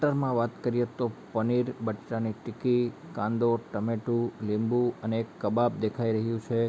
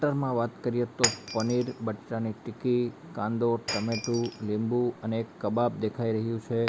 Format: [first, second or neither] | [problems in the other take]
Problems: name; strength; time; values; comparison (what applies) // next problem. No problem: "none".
first | background sound (Shatter); 9 dB below the speech